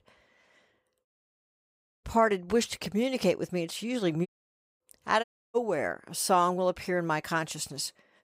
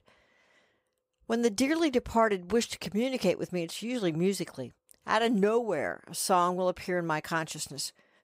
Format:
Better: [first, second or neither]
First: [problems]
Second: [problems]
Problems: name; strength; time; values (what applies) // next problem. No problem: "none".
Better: second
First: audio cutting out; at 1 s for 1 s, at 4.5 s for 0.5 s and at 5 s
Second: none